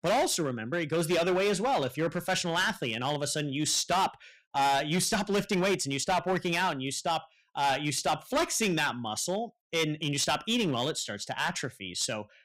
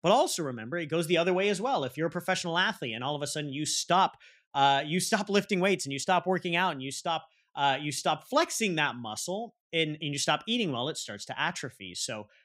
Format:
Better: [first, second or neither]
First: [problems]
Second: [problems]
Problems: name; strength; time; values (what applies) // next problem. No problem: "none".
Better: second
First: distortion; heavy; 10% of the sound clipped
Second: none